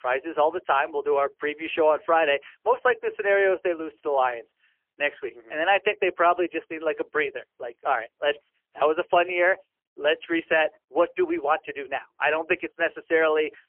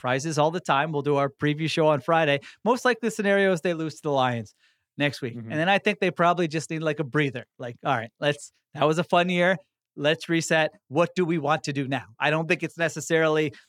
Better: second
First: phone-call audio; poor line; nothing above 3 kHz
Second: none

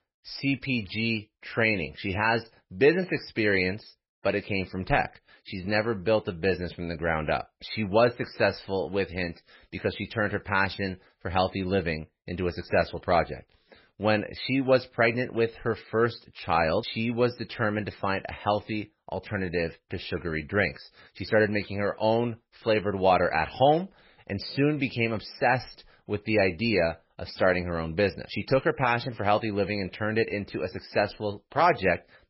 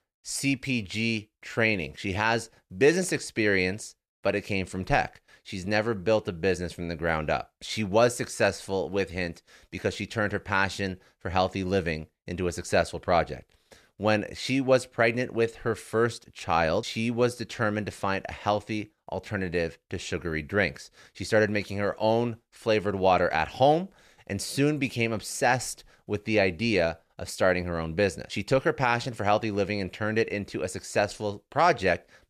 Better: second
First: garbled, watery; badly; nothing above 5.5 kHz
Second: none

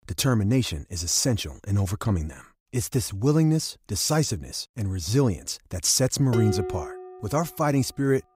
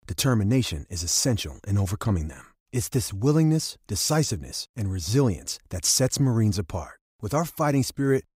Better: second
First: clattering dishes; noticeable; at 6.5 s; peak 3 dB below the speech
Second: none

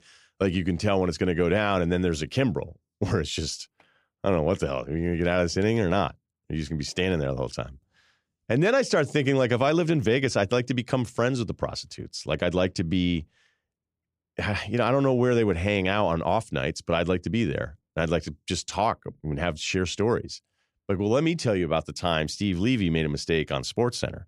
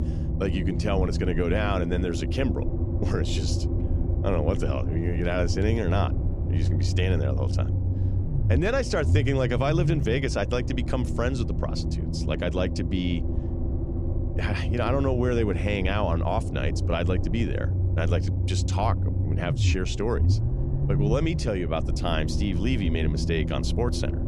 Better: first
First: none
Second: low rumble; loud; throughout; 9 dB below the speech

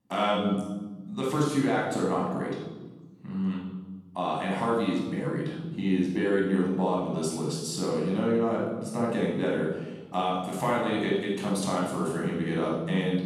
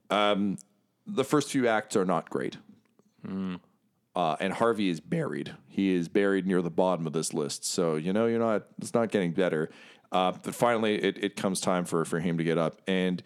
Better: second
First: off-mic speech; far // room echo; strong; dies away in 1.4 s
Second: none

